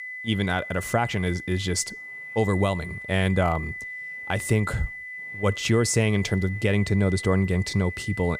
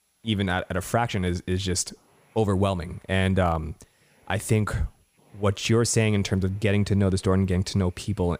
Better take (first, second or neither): second